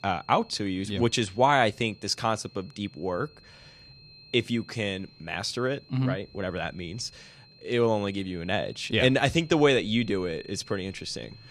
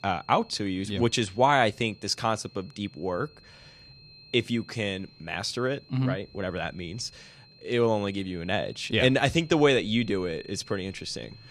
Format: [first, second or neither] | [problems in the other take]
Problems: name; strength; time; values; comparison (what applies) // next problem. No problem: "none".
neither | high-pitched whine; faint; throughout; 4 kHz, 25 dB below the speech; the same in both